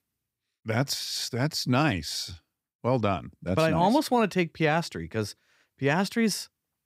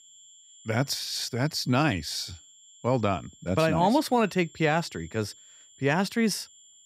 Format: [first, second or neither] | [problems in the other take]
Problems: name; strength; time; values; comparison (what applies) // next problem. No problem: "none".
first | high-pitched whine; faint; throughout; 7.5 kHz, 25 dB below the speech